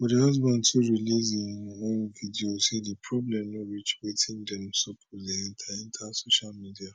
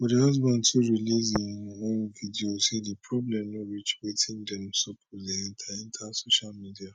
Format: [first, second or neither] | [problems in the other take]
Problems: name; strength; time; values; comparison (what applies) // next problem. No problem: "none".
first | noise reduction (neural mask model RNNoise)